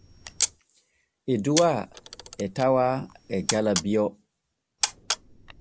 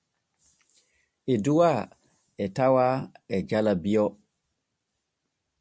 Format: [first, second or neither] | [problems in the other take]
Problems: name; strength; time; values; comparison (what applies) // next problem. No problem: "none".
second | background sound (Camera); 7 dB below the speech